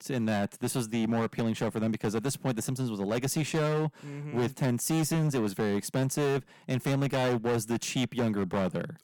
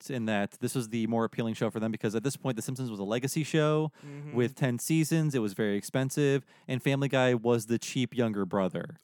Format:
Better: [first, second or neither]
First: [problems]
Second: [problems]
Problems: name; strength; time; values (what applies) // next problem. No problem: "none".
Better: second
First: distortion; heavy; 14% of the sound clipped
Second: none